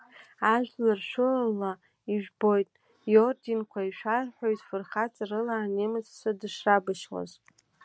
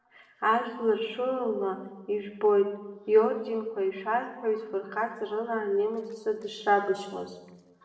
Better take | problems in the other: first | noise reduction (neural separator model SepFormer DNS4)

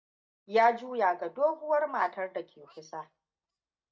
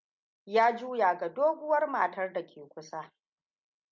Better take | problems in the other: second | noise reduction (neural mask model DeepFilterNet 3)

